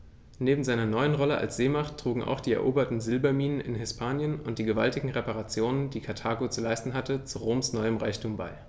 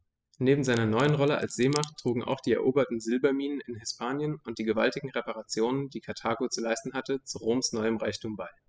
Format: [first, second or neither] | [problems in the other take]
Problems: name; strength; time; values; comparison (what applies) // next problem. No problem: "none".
first | noise reduction (classical method spectral subtraction)